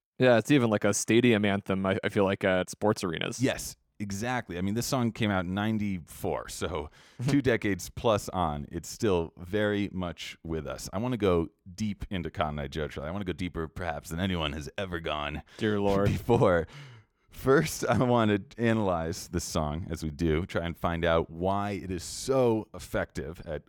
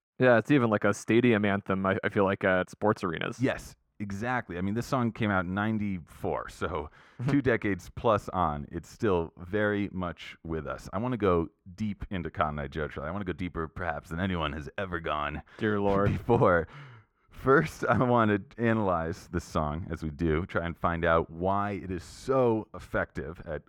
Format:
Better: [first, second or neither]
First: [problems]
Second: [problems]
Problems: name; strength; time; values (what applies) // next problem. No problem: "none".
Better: first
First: none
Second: muffled; slightly; fading above 3.5 kHz